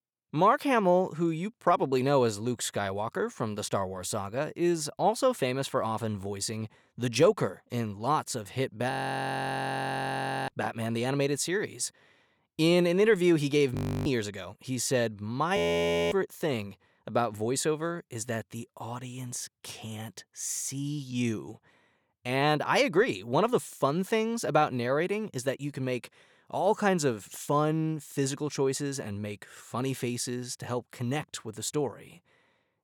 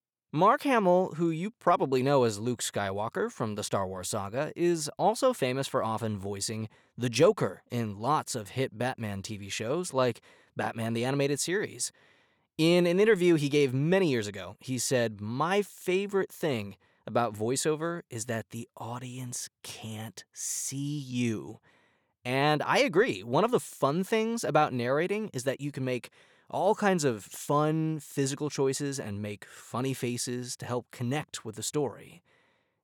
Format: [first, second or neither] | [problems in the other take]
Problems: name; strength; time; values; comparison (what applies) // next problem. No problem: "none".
second | audio freezing; at 9 s for 1.5 s, at 14 s and at 16 s for 0.5 s